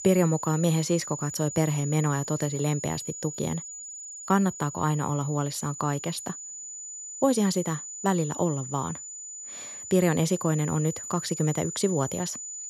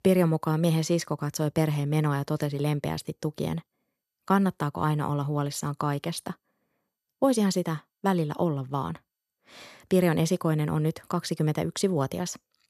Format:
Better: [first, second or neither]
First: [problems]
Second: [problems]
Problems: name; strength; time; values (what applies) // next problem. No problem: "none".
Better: second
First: high-pitched whine; loud; throughout; 7 kHz, 9 dB below the speech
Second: none